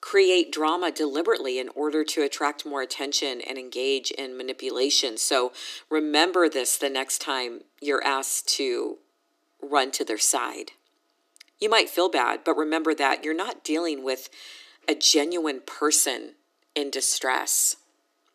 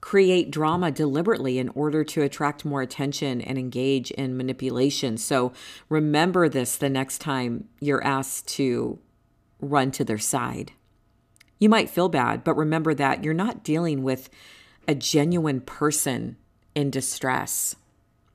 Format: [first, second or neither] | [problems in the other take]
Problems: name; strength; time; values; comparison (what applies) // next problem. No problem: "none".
second | thin; somewhat; fading below 300 Hz